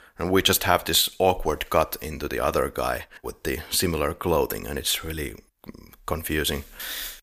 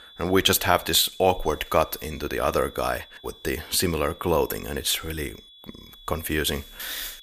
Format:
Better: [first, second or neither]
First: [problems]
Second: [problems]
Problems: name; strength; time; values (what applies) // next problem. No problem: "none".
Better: first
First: none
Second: high-pitched whine; faint; throughout; 3.5 kHz, 20 dB below the speech